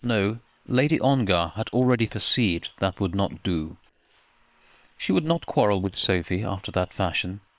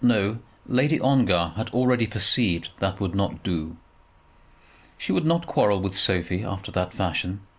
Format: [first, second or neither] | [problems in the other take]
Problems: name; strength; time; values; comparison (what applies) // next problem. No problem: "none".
second | noise reduction (neural separator model SepFormer WHAM!)